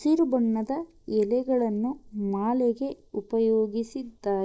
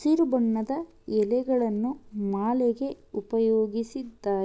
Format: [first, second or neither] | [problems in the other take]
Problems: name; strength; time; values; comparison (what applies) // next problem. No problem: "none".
second | noise reduction (neural mask model Resemble Enhance denoiser)